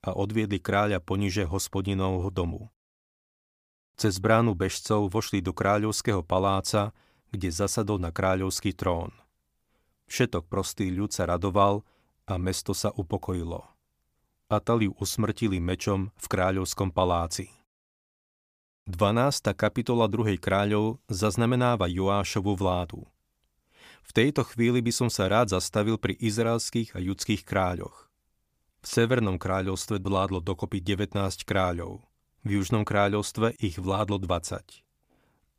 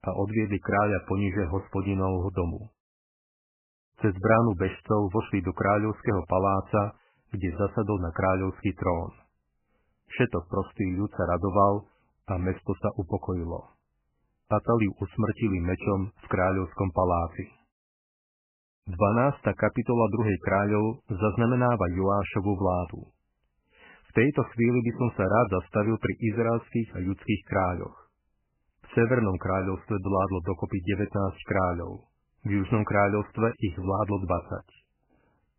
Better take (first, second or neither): first